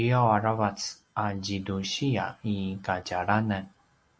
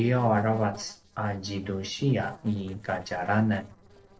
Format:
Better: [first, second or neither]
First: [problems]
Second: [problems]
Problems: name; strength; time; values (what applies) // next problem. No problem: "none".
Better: first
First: none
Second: noise reduction (neural separator model SepFormer DNS4)